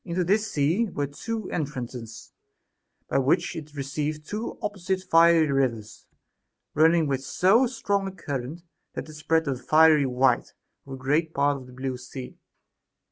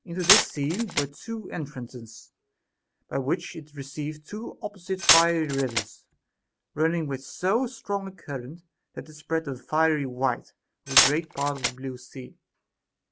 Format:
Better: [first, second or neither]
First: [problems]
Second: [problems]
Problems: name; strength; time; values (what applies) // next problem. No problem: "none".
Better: first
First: none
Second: background sound (Glass); 4 dB above the speech